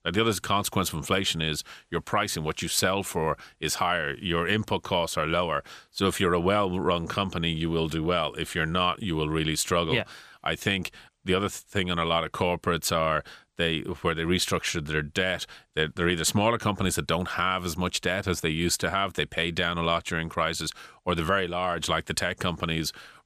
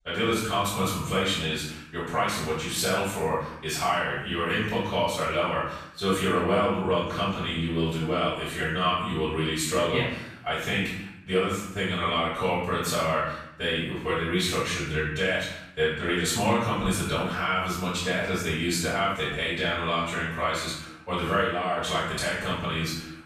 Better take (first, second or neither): first